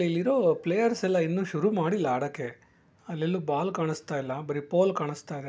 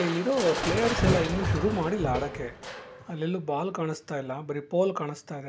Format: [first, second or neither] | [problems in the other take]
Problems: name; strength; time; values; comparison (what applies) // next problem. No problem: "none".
first | background sound (Crushing); 4 dB below the speech